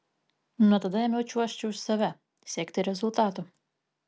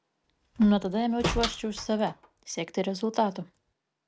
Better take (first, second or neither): first